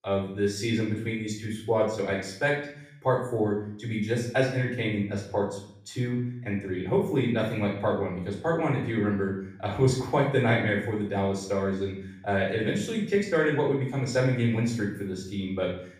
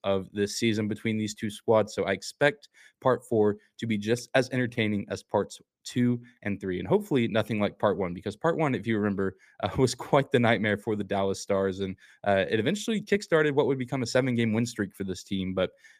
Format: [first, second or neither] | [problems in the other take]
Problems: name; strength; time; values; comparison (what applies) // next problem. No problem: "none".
second | room echo; noticeable; dies away in 0.6 s // off-mic speech; far